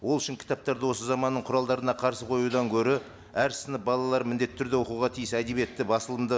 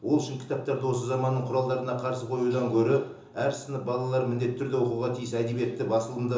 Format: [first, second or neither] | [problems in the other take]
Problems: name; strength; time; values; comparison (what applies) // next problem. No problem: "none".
first | room echo; dies away in 0.6 s